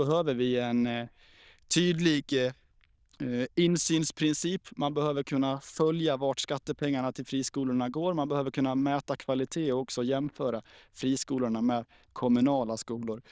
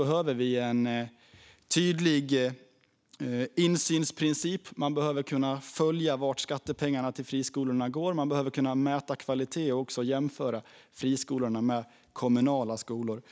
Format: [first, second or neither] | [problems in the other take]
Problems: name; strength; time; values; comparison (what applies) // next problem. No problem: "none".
second | noise reduction (neural diffusion model UNIVERSE++)